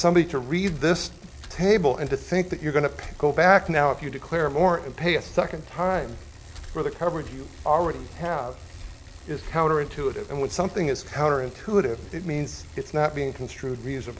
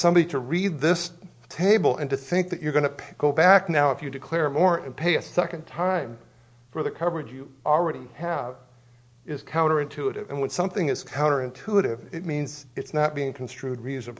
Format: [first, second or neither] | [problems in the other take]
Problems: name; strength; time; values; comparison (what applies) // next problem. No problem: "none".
second | background sound (Bicycle); 16 dB below the speech